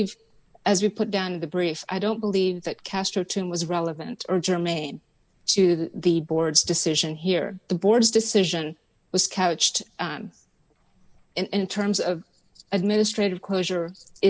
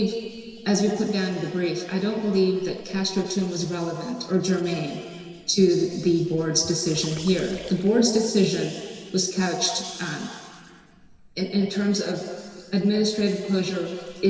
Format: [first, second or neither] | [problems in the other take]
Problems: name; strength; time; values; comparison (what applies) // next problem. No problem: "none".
first | background sound (Water / Splash, splatter); 20 dB below the speech // room echo; dies away in 2.5 s